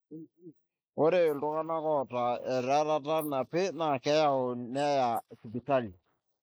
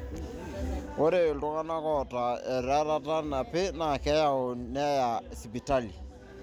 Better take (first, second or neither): second